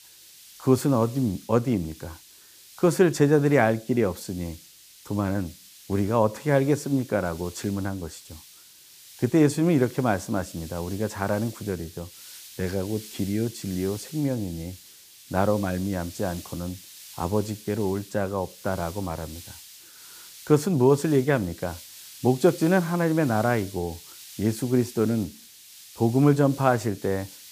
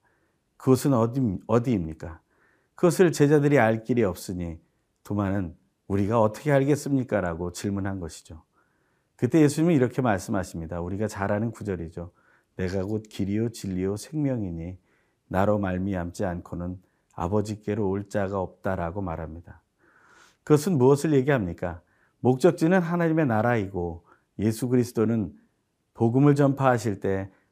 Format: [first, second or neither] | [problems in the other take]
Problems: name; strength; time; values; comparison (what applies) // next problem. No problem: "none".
second | hiss; noticeable; throughout; 20 dB below the speech